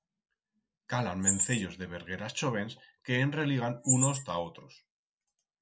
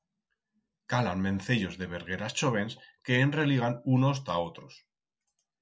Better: second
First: background sound (Chirp, tweet); 1 dB below the speech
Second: none

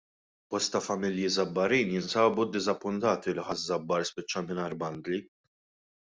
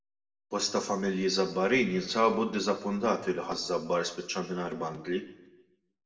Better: first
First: none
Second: room echo; dies away in 0.7 s

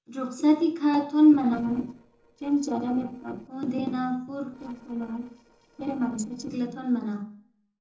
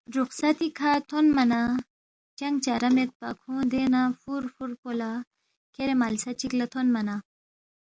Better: second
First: noise reduction (neural separator model SepFormer DNS4)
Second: none

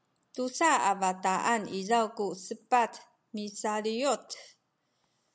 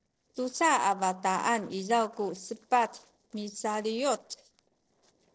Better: first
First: none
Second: noise reduction (neural separator model SepFormer DNS4)

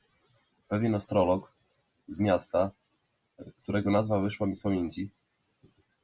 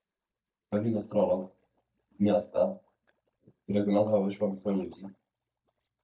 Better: first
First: none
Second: noise reduction (neural mask model DeepFilterNet 3)

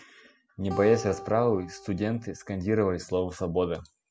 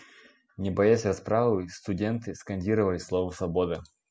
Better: second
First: background sound (Acoustic guitar); 15 dB below the speech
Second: none

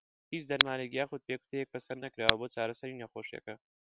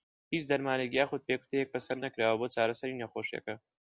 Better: second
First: noise reduction (neural separator model SepFormer WHAM!)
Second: none

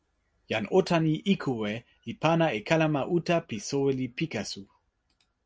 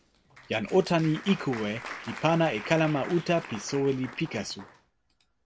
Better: first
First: none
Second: background sound (Applause); 15 dB below the speech

